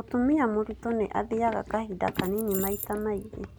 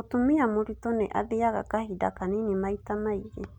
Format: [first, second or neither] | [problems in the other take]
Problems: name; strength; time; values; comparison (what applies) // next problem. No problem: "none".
second | background sound (Run + Keys jangling); 11 dB below the speech